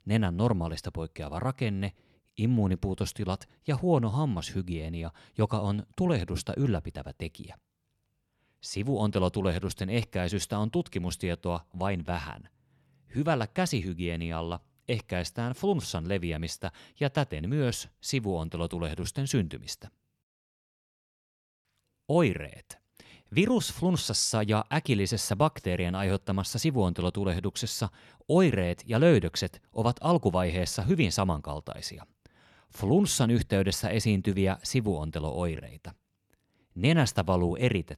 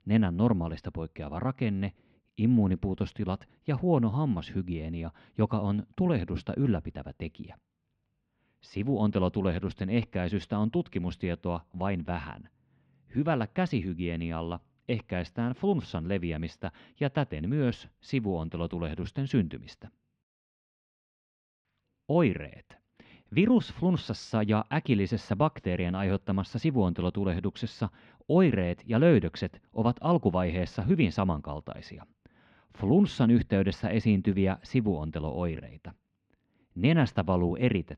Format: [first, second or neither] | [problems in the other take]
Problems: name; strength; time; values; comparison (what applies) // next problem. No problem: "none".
first | muffled; slightly; fading above 3 kHz